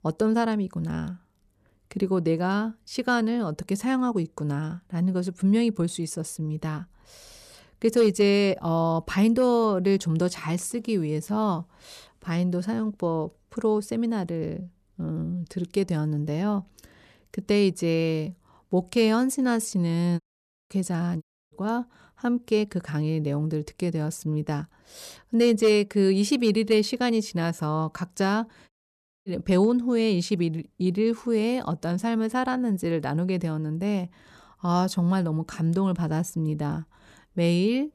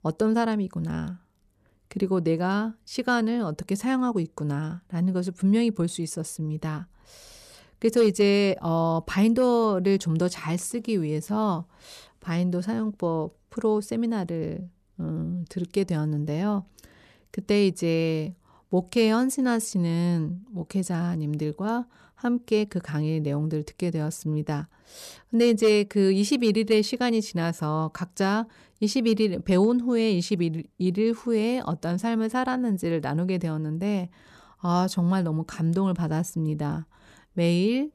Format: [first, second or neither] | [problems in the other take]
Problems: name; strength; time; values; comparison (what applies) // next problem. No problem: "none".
second | audio cutting out; at 20 s, at 21 s and at 29 s for 0.5 s